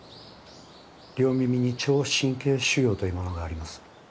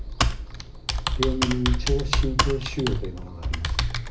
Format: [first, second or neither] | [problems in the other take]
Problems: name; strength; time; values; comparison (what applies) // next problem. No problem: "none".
first | background sound (Computer keyboard); 4 dB above the speech // room echo; dies away in 0.4 s